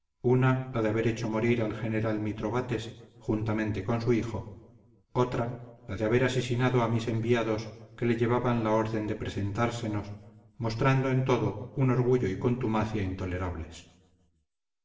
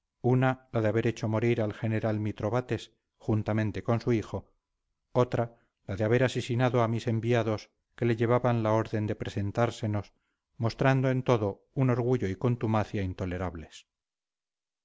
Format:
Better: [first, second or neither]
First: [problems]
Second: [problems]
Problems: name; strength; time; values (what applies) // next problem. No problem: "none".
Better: second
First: room echo; dies away in 0.9 s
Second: none